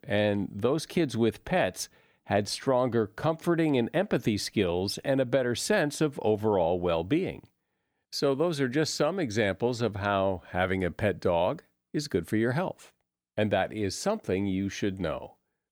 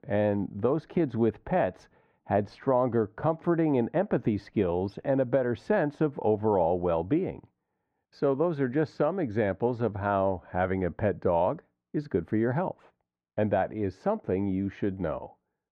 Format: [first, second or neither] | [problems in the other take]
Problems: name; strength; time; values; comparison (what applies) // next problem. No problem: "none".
first | muffled; very; fading above 4 kHz